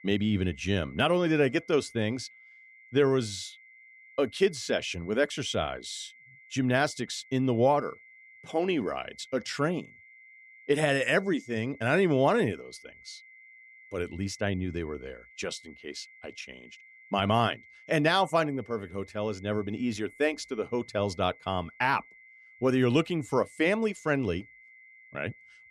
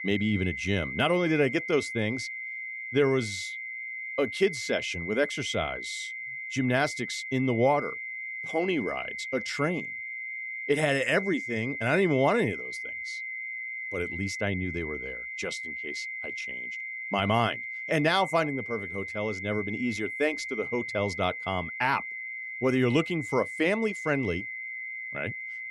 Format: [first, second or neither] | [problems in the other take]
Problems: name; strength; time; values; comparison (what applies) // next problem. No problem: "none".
first | high-pitched whine; loud; throughout; 2 kHz, 6 dB below the speech; faint in the first